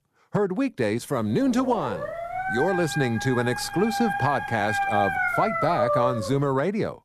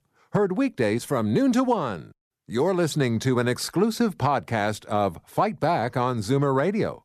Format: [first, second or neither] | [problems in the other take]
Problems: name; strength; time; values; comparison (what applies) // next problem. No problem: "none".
second | dog barking; loud; from 1.5 to 6.5 s; peak 2 dB above the speech